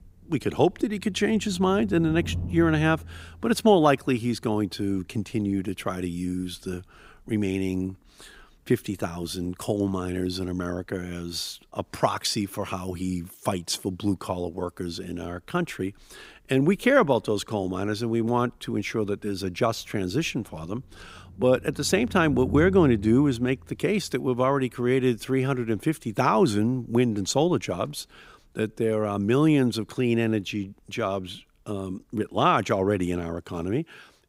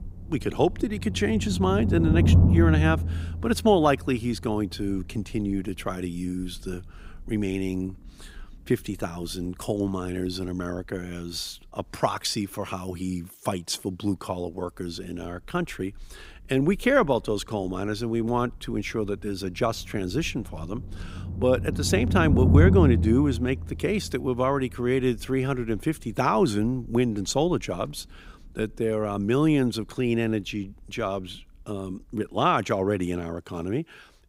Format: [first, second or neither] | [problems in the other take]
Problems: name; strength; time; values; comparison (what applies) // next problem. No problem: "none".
first | low rumble; loud; throughout; 8 dB below the speech; faint in the first